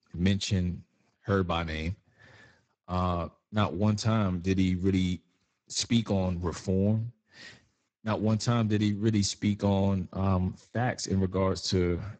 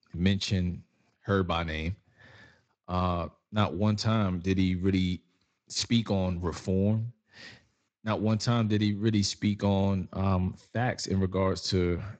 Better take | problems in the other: second | garbled, watery; badly; nothing above 7.5 kHz; slightly in the second

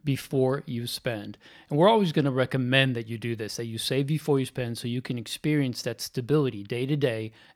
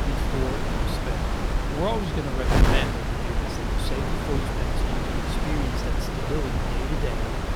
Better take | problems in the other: first | wind noise on the microphone; heavy; 4 dB above the speech

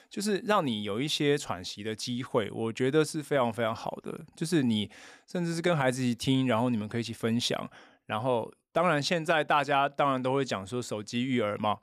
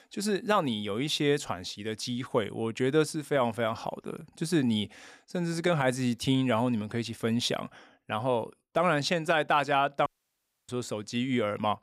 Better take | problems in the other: first | audio cutting out; at 10 s for 0.5 s

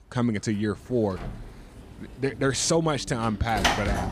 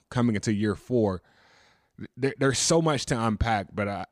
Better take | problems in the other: second | door banging; loud; from 1 s on; peak 2 dB above the speech

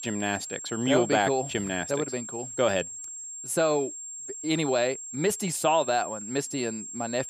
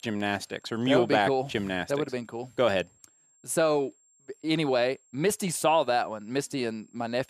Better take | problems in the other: second | high-pitched whine; loud; throughout; 7.5 kHz, 8 dB below the speech; faint in the second

